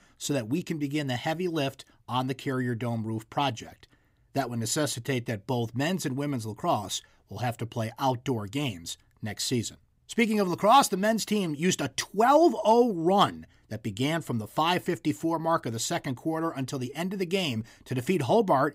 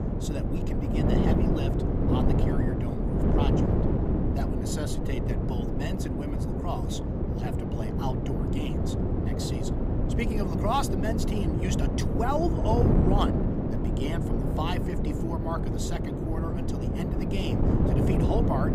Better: first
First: none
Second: wind noise on the microphone; heavy; 1 dB above the speech

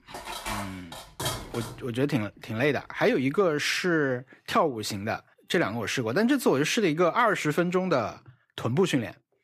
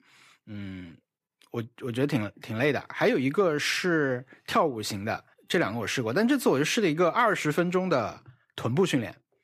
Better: second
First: clattering dishes; noticeable; until 2 s; peak 5 dB below the speech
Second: none

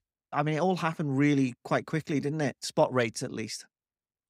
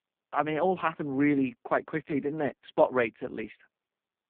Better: first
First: none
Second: phone-call audio; poor line

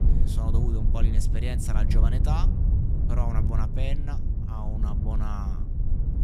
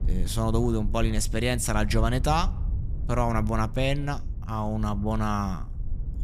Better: second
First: low rumble; loud; throughout; 3 dB below the speech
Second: low rumble; faint; throughout; 20 dB below the speech

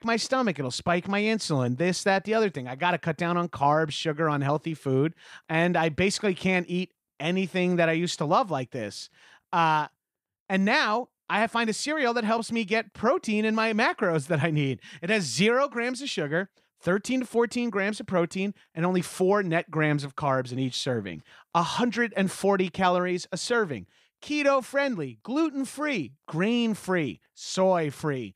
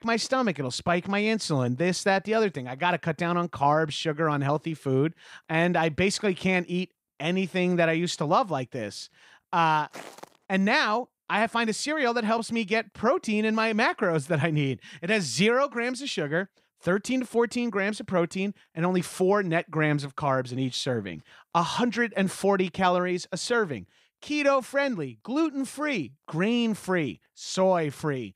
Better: first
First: none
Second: footsteps; faint; at 10 s; peak 15 dB below the speech

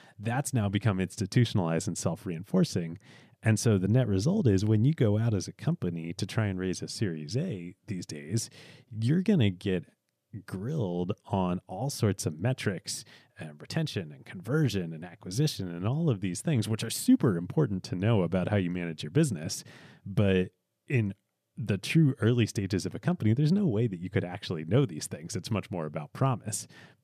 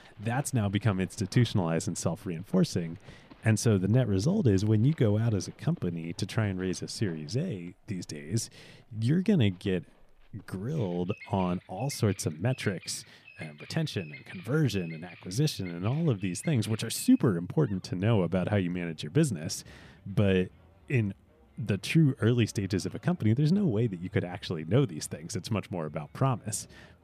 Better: first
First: none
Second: animal sounds; faint; throughout; 25 dB below the speech

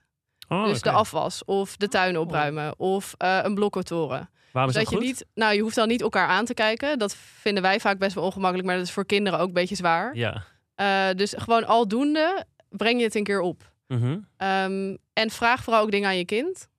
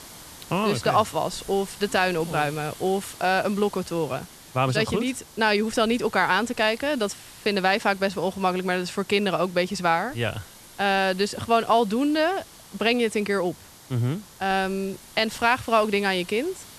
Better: first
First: none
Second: hiss; noticeable; throughout; 20 dB below the speech

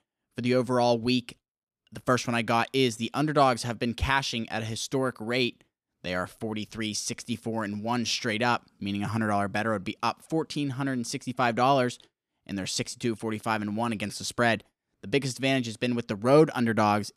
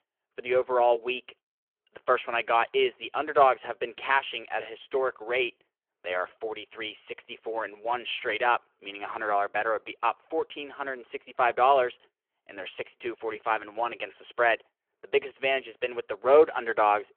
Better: first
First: none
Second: phone-call audio

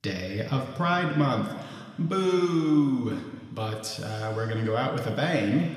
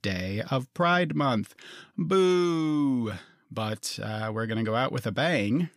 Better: second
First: room echo; noticeable; dies away in 1.9 s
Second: none

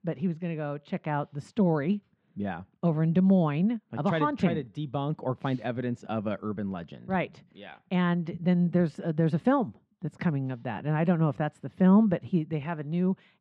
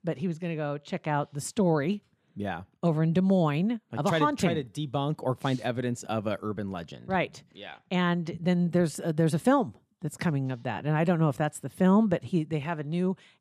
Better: second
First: muffled; slightly; fading above 3 kHz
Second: none

